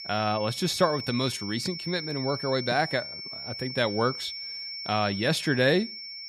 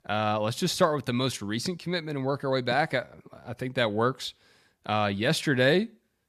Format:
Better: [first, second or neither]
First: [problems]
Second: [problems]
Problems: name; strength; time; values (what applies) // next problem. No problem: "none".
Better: second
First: high-pitched whine; loud; throughout; 5.5 kHz, 8 dB below the speech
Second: none